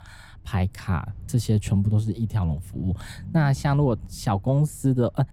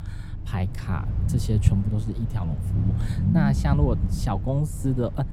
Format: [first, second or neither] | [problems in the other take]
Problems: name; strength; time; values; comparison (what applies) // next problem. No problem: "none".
first | low rumble; loud; throughout; 5 dB below the speech; faint in the first